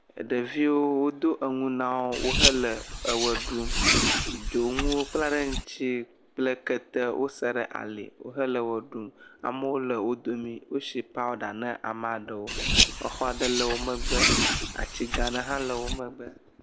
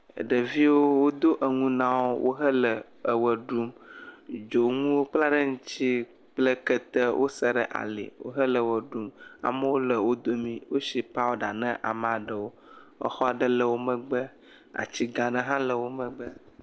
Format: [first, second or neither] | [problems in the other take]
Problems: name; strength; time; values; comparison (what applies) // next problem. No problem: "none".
second | background sound (Car); 3 dB above the speech